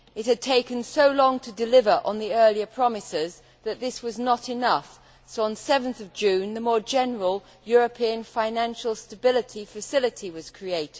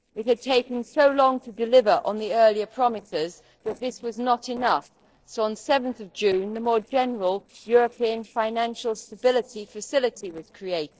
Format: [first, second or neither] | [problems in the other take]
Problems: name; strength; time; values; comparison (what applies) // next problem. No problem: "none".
first | noise reduction (neural separator model SepFormer DNS4)